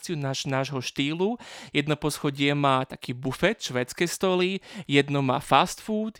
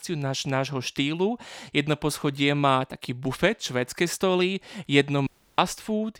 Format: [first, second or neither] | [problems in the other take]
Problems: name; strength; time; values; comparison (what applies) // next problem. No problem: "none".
first | audio cutting out; at 5.5 s